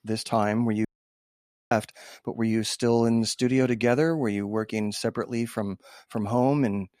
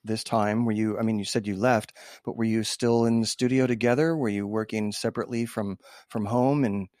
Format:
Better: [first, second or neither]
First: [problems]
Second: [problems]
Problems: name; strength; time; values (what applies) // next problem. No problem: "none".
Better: second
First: audio cutting out; at 1 s for 1 s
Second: none